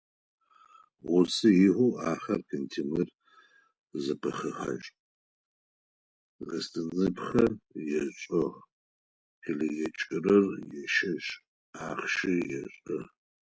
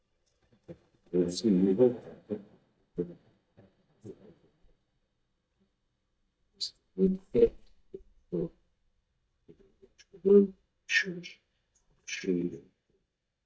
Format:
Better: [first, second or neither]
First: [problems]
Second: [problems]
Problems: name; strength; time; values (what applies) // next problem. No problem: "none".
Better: first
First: none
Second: noise reduction (neural mask model DeepFilterNet 3)